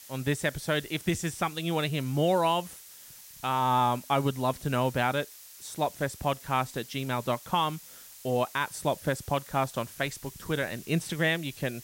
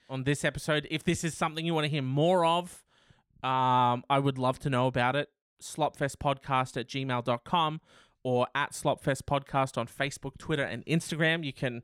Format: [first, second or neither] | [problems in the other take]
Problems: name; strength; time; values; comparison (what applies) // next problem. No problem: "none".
second | hiss; noticeable; throughout; 15 dB below the speech